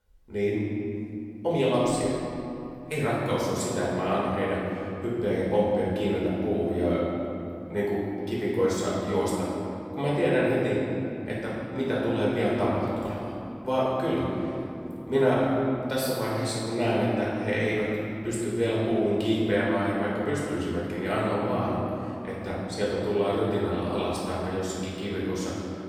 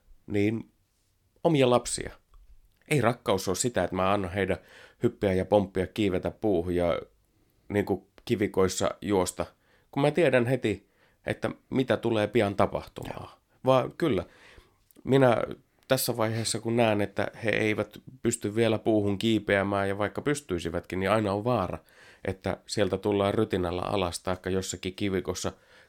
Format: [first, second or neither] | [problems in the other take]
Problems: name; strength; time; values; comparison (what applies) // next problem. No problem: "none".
second | off-mic speech; far // room echo; strong; dies away in 2.8 s